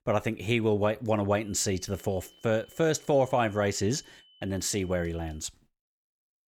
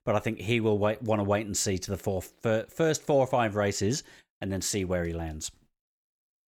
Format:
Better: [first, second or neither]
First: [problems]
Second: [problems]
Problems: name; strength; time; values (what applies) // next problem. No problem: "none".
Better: second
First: high-pitched whine; faint; from 1.5 to 5.5 s; 3 kHz, 30 dB below the speech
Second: none